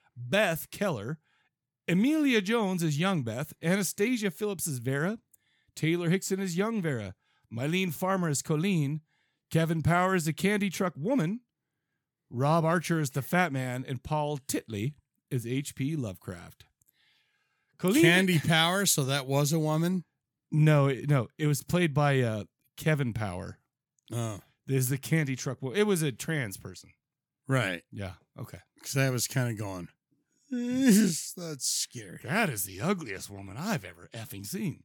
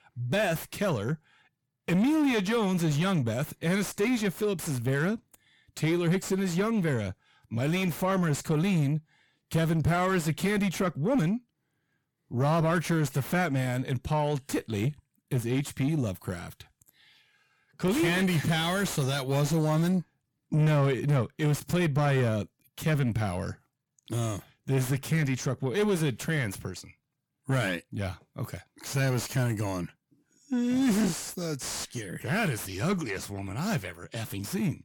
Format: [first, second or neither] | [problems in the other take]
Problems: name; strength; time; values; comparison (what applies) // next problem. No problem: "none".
first | distortion; heavy; 7 dB below the speech